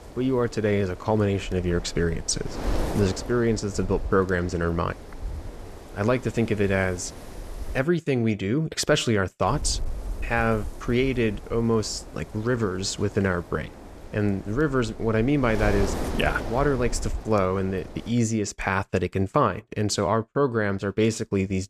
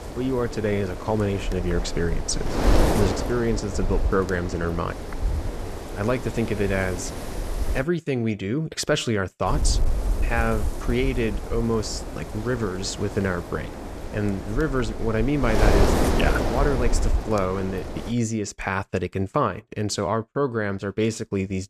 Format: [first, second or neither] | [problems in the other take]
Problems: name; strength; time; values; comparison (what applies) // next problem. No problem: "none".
first | wind noise on the microphone; heavy; until 8 s and from 9.5 to 18 s; 5 dB below the speech; occasional gusts in the first